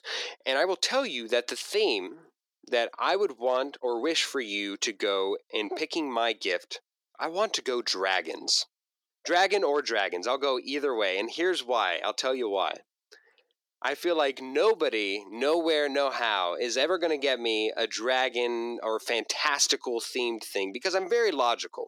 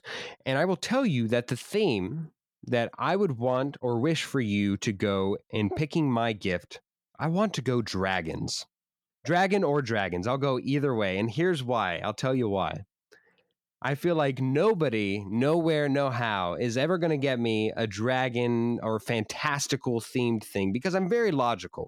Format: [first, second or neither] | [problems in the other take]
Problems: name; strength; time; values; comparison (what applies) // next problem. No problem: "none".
second | thin; somewhat; fading below 350 Hz